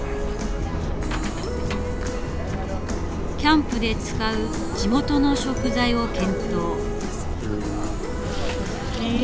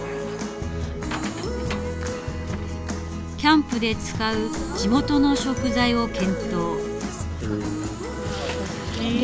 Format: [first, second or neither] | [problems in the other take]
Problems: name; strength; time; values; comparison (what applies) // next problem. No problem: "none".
second | background sound (Subway, metro, underground); 3 dB below the speech